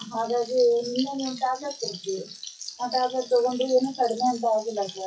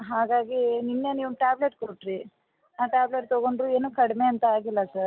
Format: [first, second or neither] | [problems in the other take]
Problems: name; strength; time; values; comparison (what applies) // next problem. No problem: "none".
second | noise reduction (classical method WPE with log-MMSE)